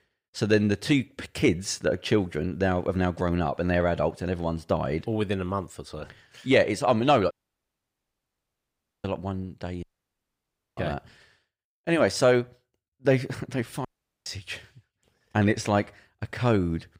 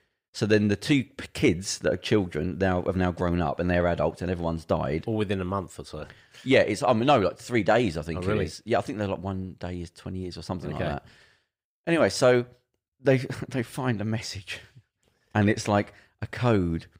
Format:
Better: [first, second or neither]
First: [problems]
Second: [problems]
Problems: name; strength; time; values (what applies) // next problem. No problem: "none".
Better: second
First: audio cutting out; at 7.5 s for 1.5 s, at 10 s for 1 s and at 14 s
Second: none